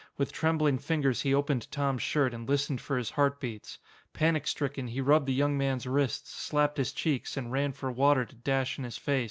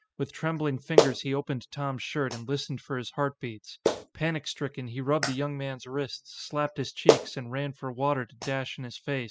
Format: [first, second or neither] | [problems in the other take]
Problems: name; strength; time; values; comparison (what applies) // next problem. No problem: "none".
first | noise reduction (classical method spectral subtraction)